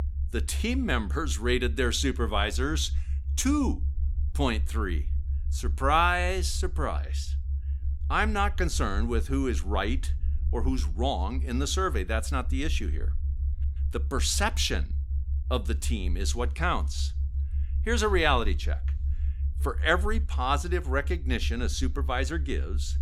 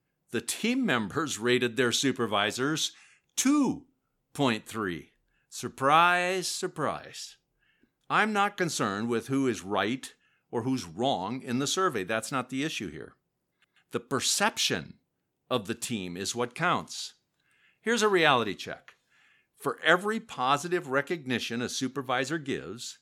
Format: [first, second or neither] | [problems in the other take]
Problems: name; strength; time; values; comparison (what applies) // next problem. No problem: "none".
second | low rumble; faint; throughout; 20 dB below the speech